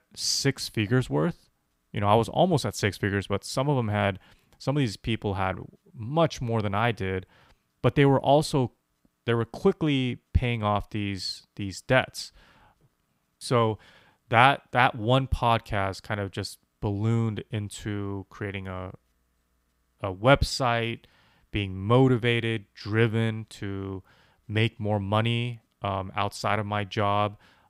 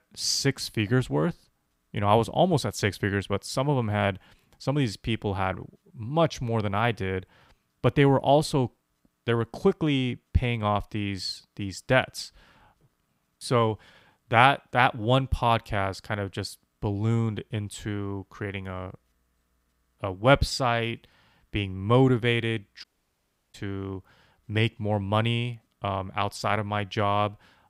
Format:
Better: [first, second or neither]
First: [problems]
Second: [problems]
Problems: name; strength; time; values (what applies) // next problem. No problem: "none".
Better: first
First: none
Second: audio cutting out; at 23 s for 0.5 s